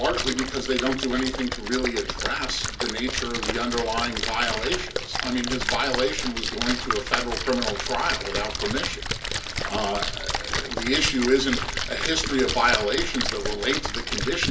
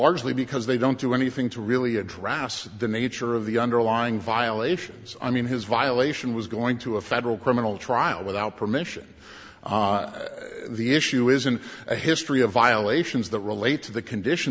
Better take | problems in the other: second | background sound (Splash, splatter); 2 dB below the speech // room echo; dies away in 0.3 s

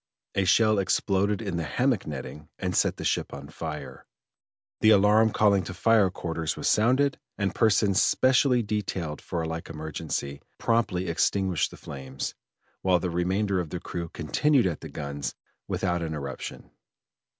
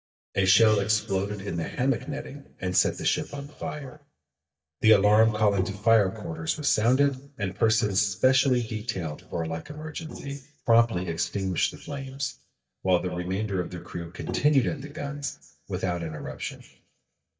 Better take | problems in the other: first | noise reduction (neural mask model DeepFilterNet 3)

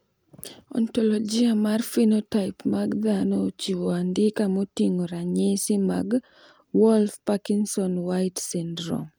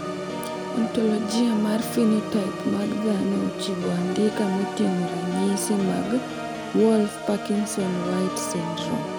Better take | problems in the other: first | background sound (Organ); 6 dB below the speech

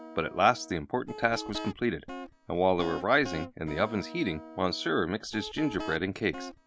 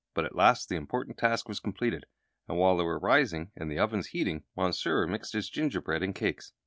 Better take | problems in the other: second | background sound (Guitar); 13 dB below the speech

